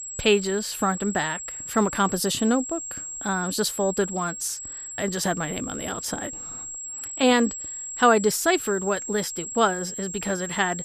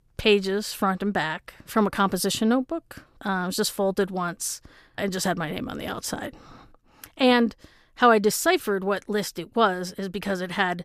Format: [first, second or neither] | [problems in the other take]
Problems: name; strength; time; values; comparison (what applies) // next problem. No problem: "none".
second | high-pitched whine; loud; throughout; 7.5 kHz, 8 dB below the speech